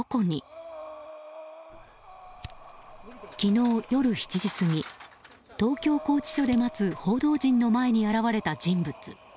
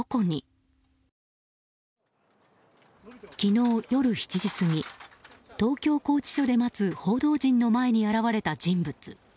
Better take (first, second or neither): second